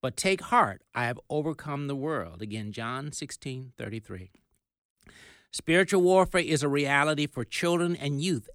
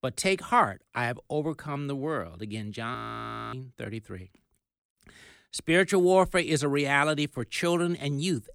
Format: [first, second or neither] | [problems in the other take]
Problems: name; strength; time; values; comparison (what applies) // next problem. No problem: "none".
first | audio freezing; at 3 s for 0.5 s